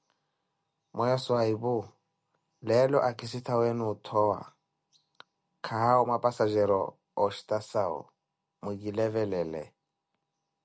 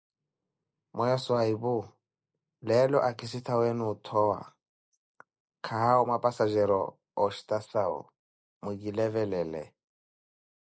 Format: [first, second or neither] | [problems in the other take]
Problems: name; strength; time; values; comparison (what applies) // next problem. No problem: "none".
first | noise reduction (neural mask model Resemble Enhance denoiser)